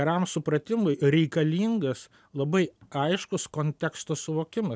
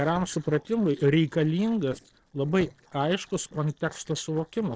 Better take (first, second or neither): first